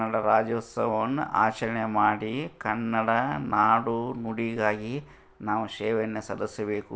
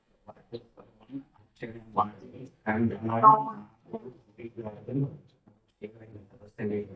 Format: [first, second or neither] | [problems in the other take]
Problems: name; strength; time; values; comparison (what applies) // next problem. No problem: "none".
first | noise reduction (neural mask model DeepFilterNet 3)